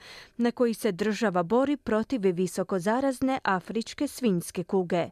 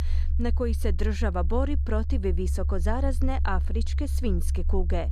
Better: first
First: none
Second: low rumble; noticeable; throughout; 15 dB below the speech

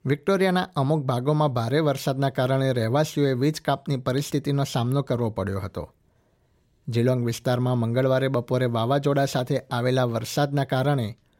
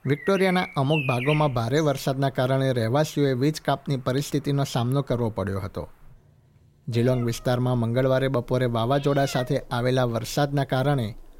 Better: first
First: none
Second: animal sounds; noticeable; throughout; 10 dB below the speech

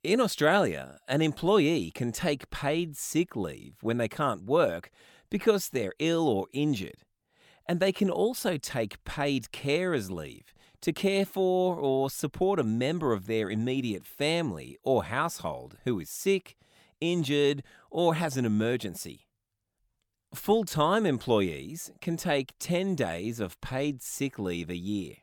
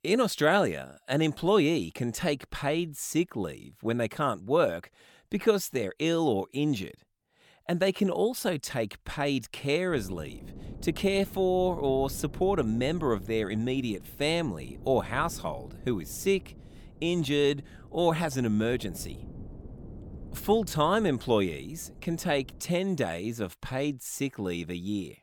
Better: first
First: none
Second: wind noise on the microphone; occasional gusts; from 10 to 23 s; 25 dB below the speech

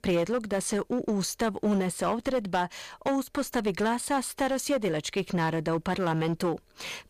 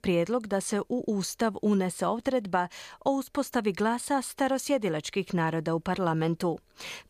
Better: second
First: distortion; slight; 9% of the sound clipped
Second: none

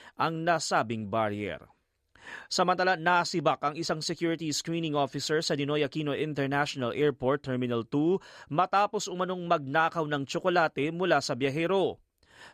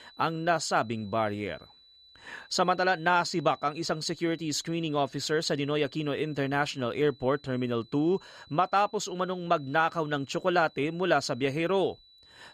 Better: first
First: none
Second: high-pitched whine; faint; throughout; 4 kHz, 25 dB below the speech

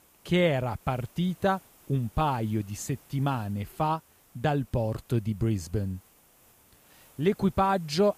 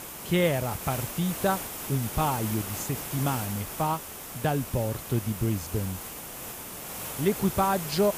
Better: first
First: hiss; faint; throughout; 25 dB below the speech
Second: hiss; loud; throughout; 6 dB below the speech

